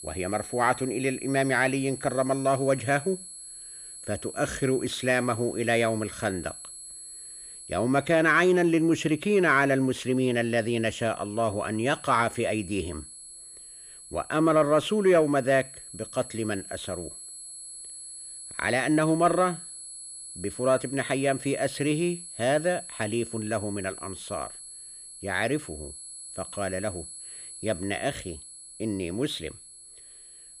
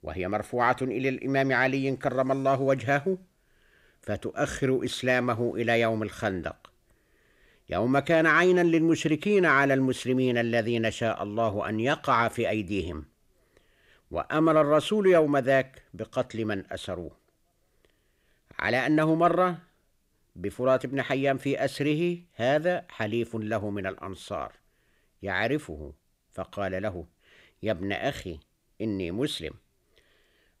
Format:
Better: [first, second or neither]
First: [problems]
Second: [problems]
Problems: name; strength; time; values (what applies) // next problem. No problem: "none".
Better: second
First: high-pitched whine; noticeable; throughout; 11 kHz, 15 dB below the speech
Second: none